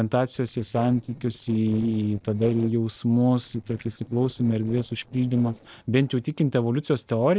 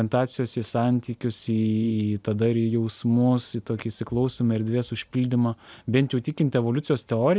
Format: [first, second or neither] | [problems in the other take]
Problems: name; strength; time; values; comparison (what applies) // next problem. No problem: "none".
second | noise reduction (neural separator model SepFormer DNS4)